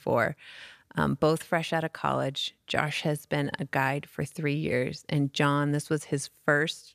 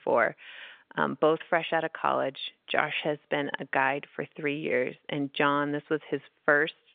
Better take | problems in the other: first | phone-call audio; nothing above 3.5 kHz

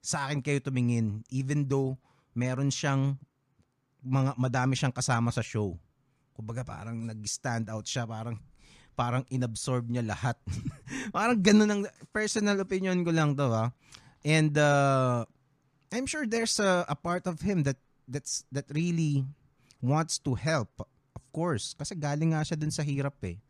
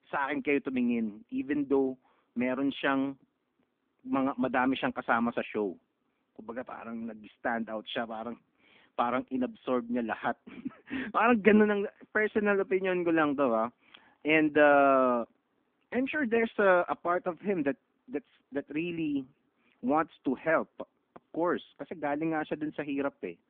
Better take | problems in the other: first | phone-call audio; nothing above 3.5 kHz

